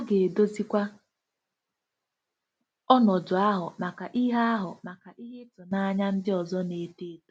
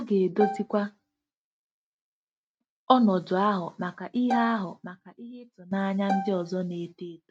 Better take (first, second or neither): first